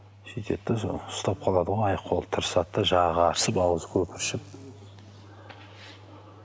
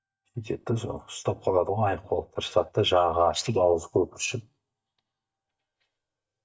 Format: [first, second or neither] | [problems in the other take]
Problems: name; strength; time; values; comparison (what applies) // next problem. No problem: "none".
first | noise reduction (neural mask model DeepFilterNet 3)